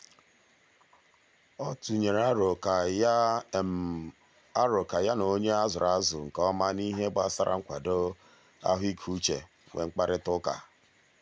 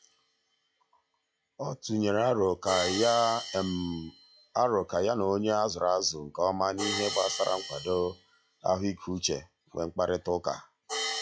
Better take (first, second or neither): first